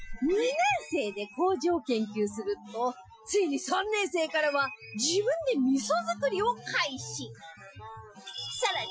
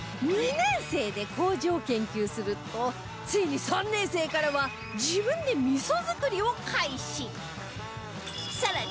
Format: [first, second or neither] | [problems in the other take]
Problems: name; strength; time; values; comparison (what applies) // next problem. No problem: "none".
second | noise reduction (classical method Wiener filter)